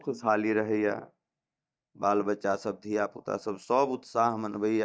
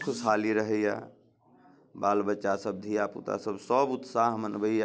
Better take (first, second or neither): second